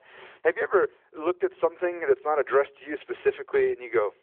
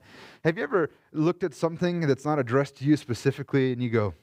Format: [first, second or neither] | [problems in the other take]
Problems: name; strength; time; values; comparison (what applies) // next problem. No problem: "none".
second | phone-call audio